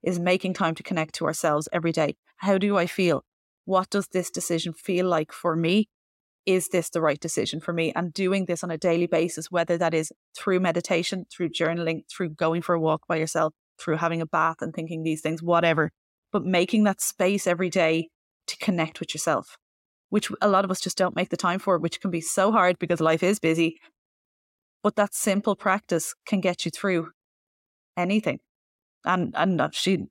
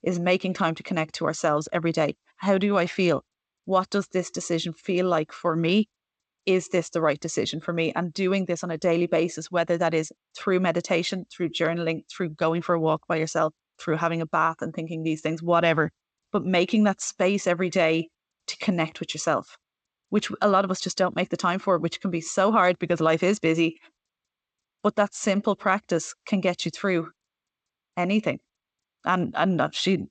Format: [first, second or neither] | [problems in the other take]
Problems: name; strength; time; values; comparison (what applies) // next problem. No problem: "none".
first | garbled, watery; slightly; nothing above 8 kHz